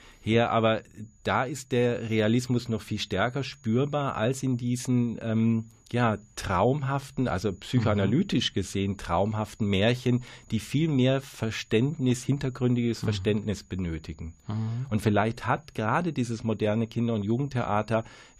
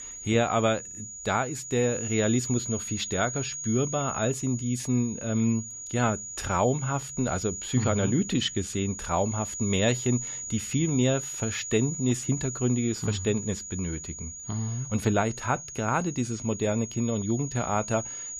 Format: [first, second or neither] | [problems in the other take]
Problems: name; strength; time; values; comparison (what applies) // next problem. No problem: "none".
first | high-pitched whine; loud; throughout; 7 kHz, 7 dB below the speech; faint in the first